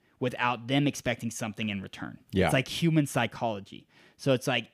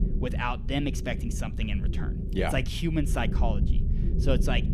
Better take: first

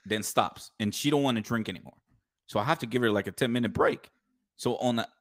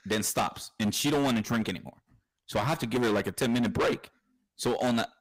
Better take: first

